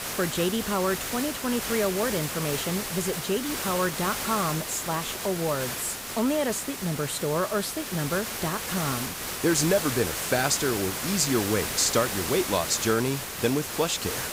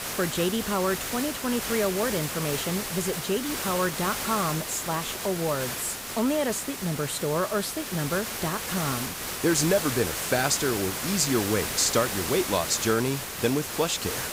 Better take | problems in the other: neither | hiss; loud; throughout; 3 dB below the speech; the same in both

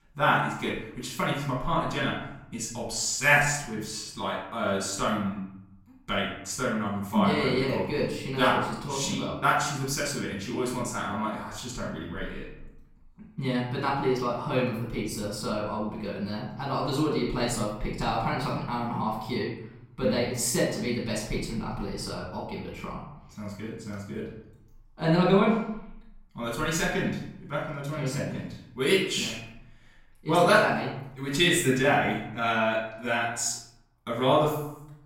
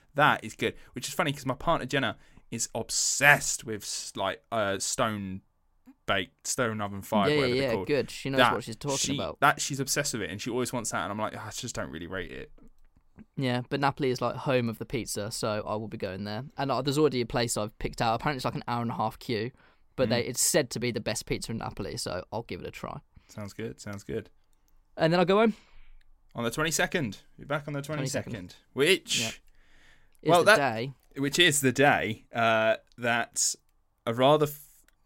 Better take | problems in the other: second | off-mic speech; far // room echo; noticeable; dies away in 0.7 s

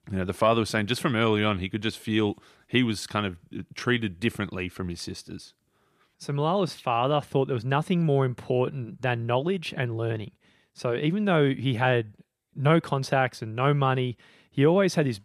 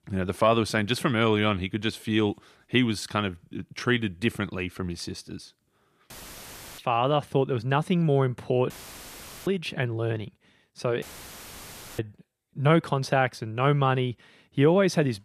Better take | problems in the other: first | audio cutting out; filled with static; at 6 s for 0.5 s, at 8.5 s for 1 s and at 11 s for 1 s

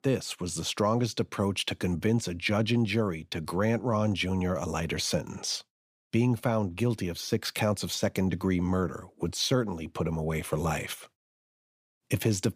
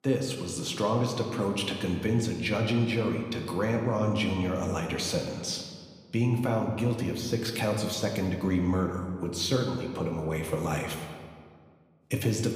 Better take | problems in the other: first | room echo; slight; dies away in 1.4 s

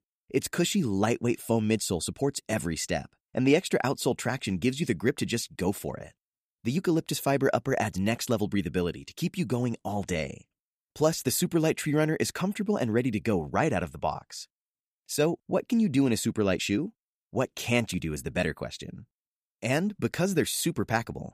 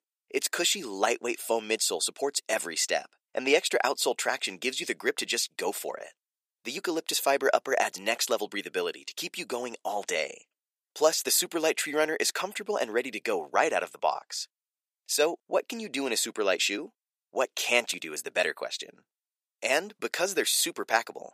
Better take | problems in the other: first | thin; very; fading below 450 Hz

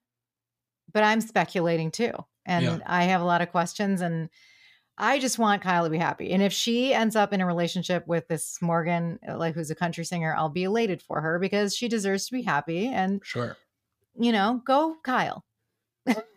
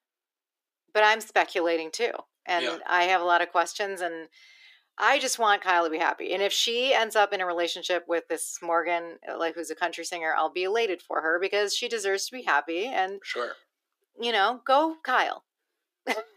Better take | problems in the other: first | thin; very; fading below 350 Hz

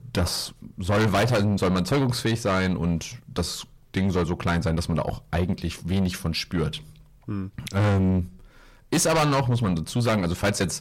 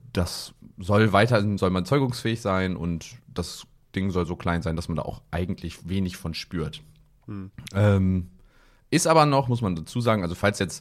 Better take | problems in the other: second | distortion; heavy; 6 dB below the speech

